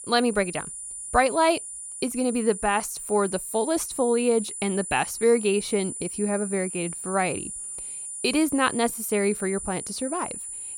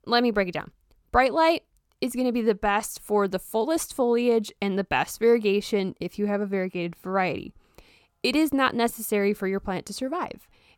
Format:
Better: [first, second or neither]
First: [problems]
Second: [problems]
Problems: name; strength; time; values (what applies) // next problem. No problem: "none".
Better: second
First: high-pitched whine; loud; throughout; 9.5 kHz, 8 dB below the speech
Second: none